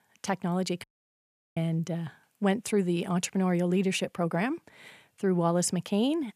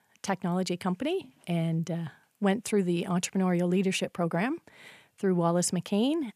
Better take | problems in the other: second | audio cutting out; at 1 s for 0.5 s

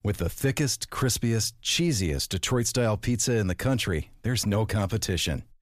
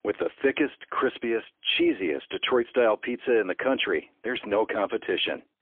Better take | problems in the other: first | phone-call audio; poor line; nothing above 3.5 kHz

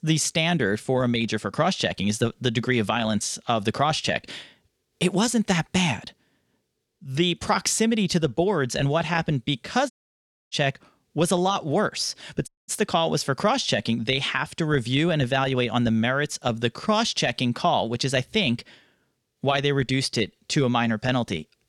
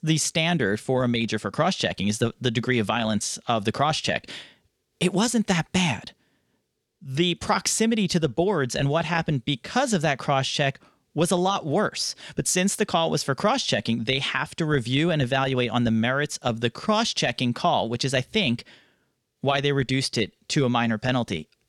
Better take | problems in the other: second | audio cutting out; at 10 s for 0.5 s and at 12 s

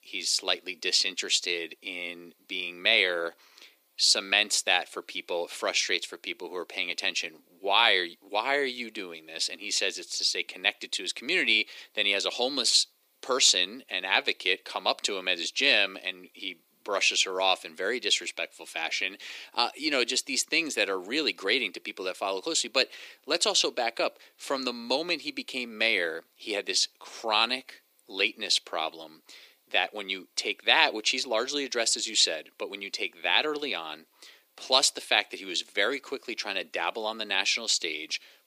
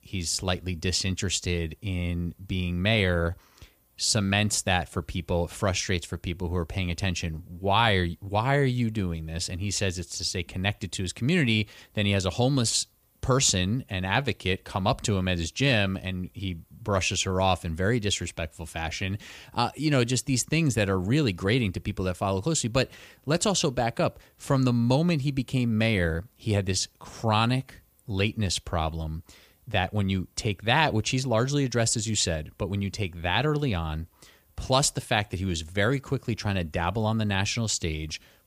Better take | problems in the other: second | thin; very; fading below 300 Hz

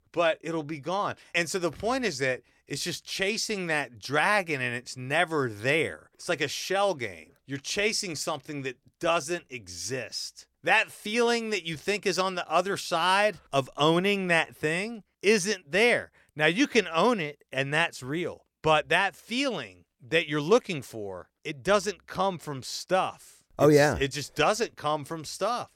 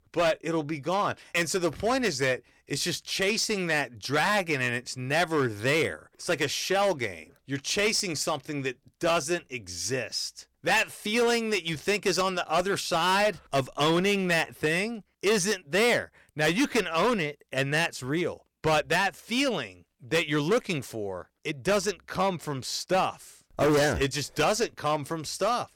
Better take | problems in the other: first | distortion; heavy; 8% of the sound clipped

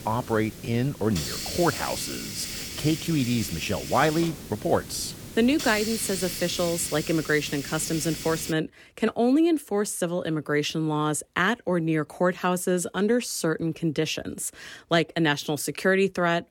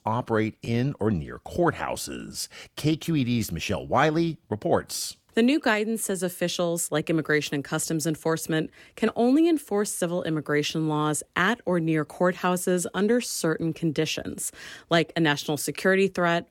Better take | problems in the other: second | hiss; loud; until 8.5 s; 8 dB below the speech

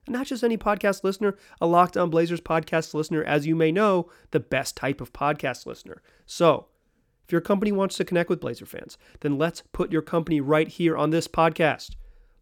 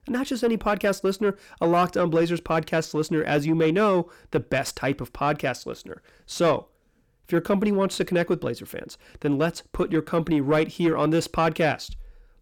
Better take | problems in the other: first | distortion; slight; 10 dB below the speech

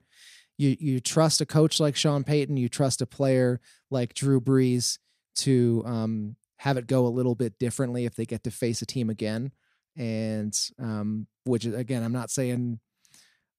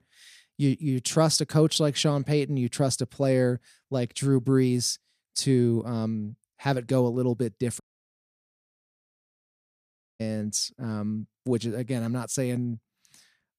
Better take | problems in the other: first | audio cutting out; at 8 s for 2.5 s

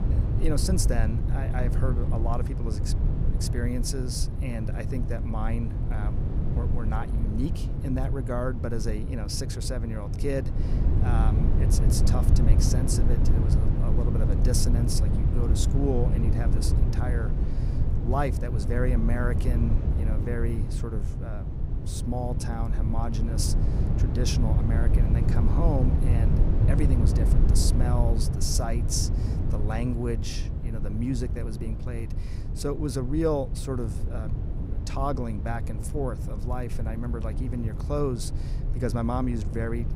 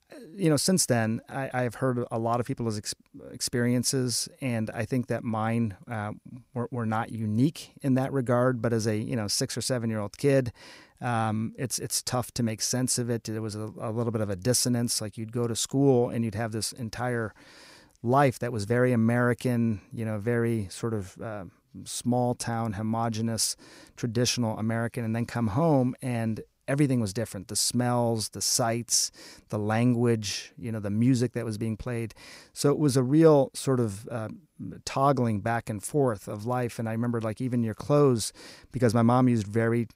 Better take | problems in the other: second | wind noise on the microphone; heavy; 5 dB below the speech

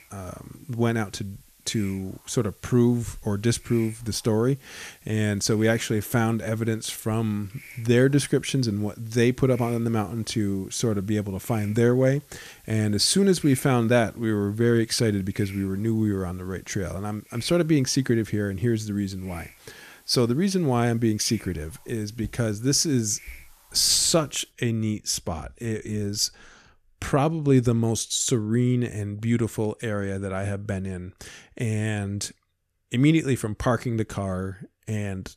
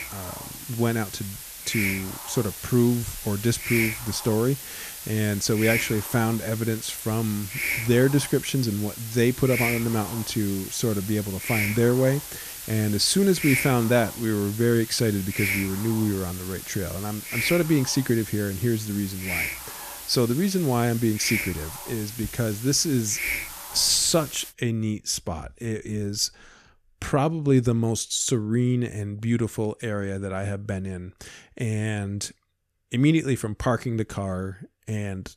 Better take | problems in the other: first | hiss; loud; until 25 s; 6 dB below the speech; faint in the first

